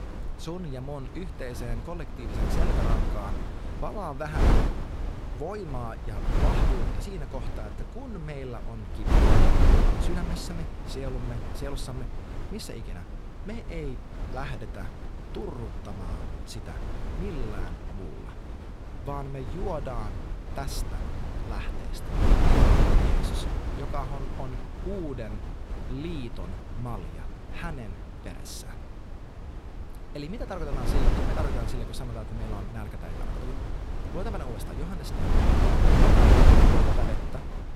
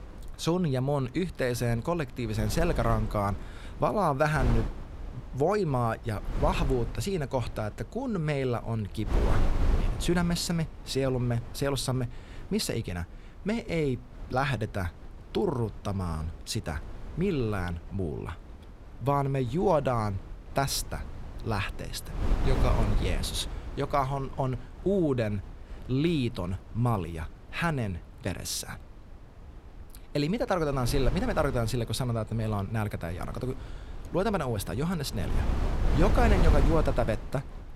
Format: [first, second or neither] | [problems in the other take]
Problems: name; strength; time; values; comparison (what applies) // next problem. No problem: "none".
second | wind noise on the microphone; heavy; 5 dB above the speech; occasional gusts in the second